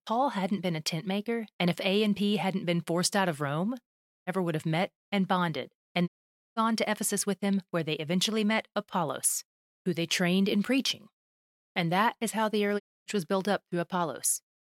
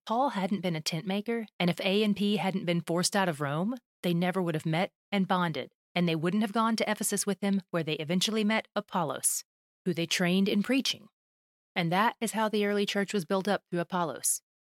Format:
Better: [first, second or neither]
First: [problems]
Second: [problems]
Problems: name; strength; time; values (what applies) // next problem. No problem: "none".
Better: second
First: audio cutting out; at 4 s, at 6 s and at 13 s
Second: none